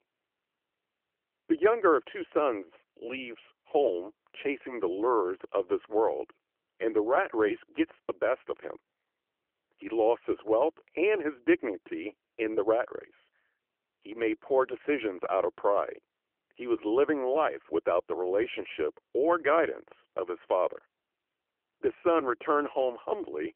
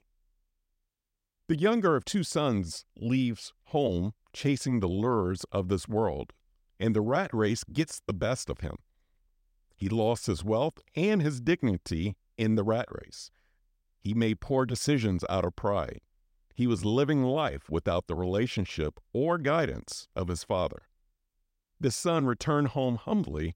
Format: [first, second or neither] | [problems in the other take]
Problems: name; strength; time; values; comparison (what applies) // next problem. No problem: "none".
second | phone-call audio; nothing above 3 kHz